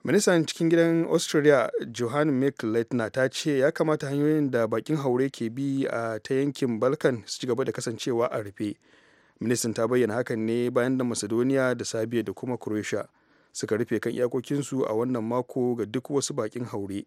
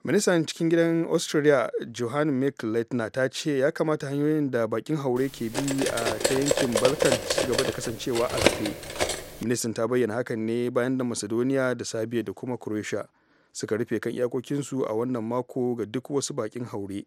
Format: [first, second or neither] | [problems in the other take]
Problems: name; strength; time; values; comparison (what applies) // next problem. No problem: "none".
first | clattering dishes; loud; from 5.5 to 9 s; peak 4 dB above the speech